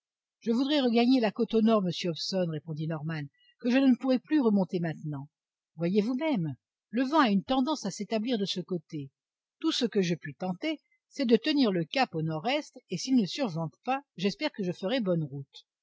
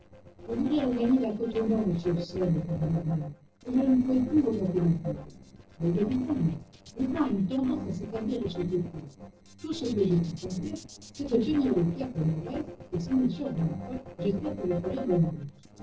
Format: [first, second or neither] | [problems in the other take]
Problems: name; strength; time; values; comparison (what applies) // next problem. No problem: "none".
first | noise reduction (neural separator model SepFormer DNS4)